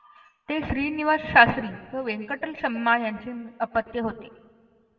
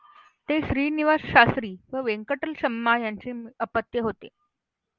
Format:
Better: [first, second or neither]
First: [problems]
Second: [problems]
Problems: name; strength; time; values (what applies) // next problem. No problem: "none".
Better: second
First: room echo; dies away in 1.3 s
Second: none